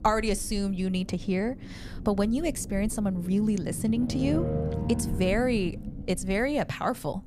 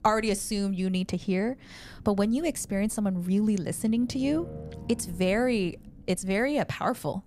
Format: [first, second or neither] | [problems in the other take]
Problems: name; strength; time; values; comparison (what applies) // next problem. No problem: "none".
second | low rumble; loud; throughout; 10 dB below the speech; faint in the second